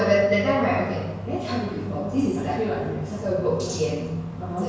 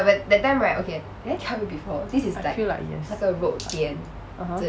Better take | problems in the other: second | room echo; dies away in 1 s

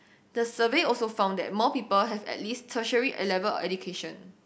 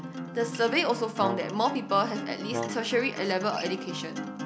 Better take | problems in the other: first | background sound (Acoustic guitar + Brass instrument); 7 dB below the speech

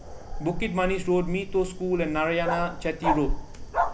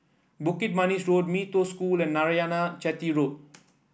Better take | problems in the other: second | background sound (Fire + Bark); 3 dB below the speech

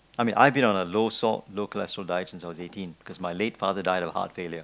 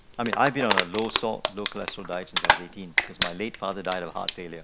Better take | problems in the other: first | background sound (Crumpling, crinkling); as loud as the speech

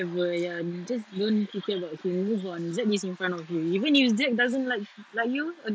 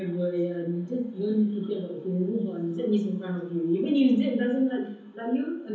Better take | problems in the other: first | room echo; dies away in 0.7 s

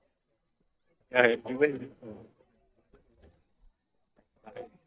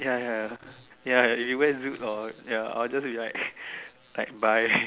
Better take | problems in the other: second | noise reduction (neural mask model DeepFilterNet 3)

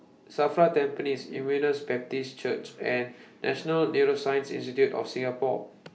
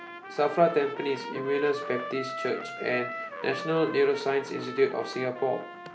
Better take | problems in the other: first | background sound (Trumpet); 10 dB below the speech

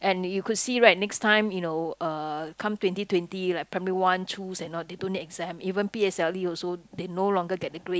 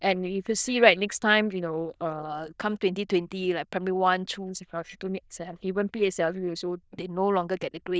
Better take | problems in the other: first | noise reduction (neural diffusion model UNIVERSE++)

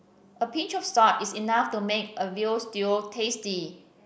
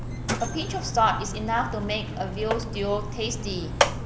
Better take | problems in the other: first | background sound (Mechanisms); 1 dB below the speech

